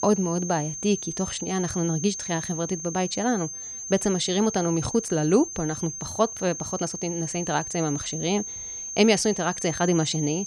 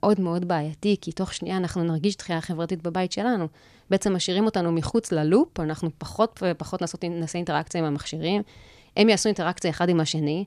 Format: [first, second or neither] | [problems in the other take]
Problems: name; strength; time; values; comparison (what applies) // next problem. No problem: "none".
second | high-pitched whine; loud; throughout; 6.5 kHz, 6 dB below the speech